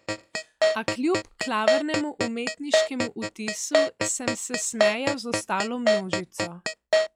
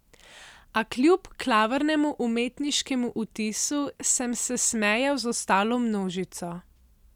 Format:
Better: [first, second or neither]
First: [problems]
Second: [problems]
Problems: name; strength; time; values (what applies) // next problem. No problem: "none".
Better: second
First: noise reduction (classical method log-MMSE)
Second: none